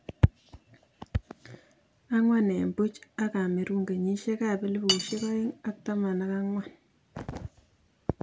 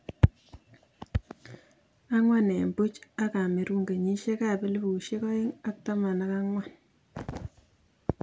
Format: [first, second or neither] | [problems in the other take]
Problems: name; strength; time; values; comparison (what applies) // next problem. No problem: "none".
second | background sound (Cutlery, silverware); 7 dB below the speech